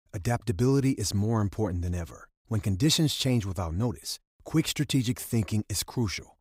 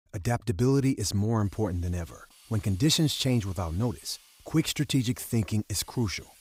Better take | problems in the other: first | hiss; faint; from 1.5 s on; 25 dB below the speech

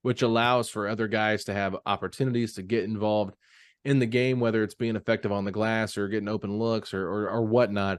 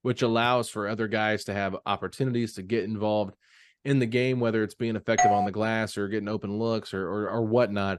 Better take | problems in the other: first | doorbell; loud; at 5 s; peak 5 dB above the speech

